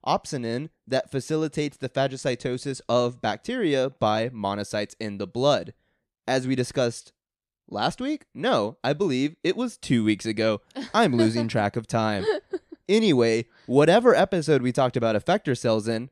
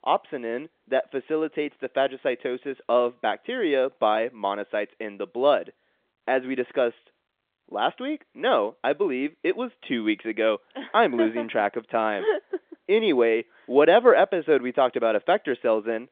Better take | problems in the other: first | phone-call audio; nothing above 3.5 kHz

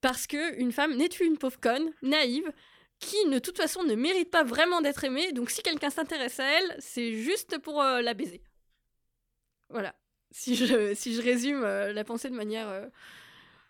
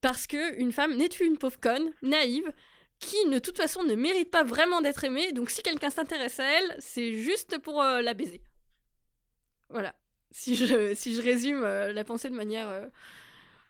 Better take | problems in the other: first | garbled, watery; slightly

